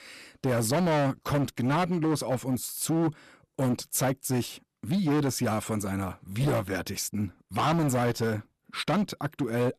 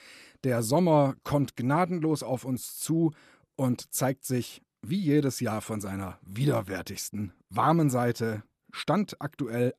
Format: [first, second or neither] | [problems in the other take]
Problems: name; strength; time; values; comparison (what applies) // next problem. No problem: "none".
second | distortion; heavy; 14% of the sound clipped